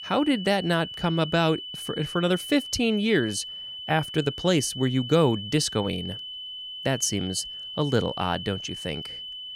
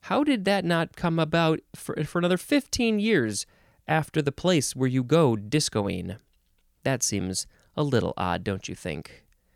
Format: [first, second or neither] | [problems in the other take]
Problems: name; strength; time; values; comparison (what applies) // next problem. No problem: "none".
second | high-pitched whine; loud; throughout; 3 kHz, 9 dB below the speech